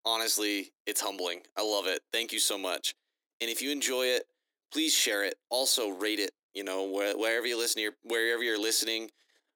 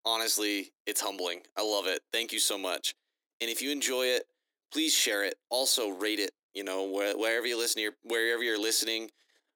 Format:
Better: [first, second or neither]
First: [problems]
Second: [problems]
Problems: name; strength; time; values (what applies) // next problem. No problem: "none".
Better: neither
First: thin; very; fading below 300 Hz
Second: thin; very; fading below 300 Hz